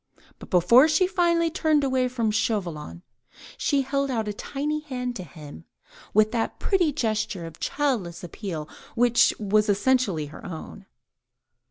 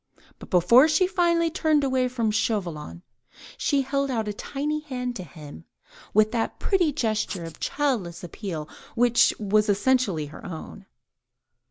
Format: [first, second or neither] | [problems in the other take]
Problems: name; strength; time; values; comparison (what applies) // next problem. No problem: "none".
first | background sound (Writing); 20 dB below the speech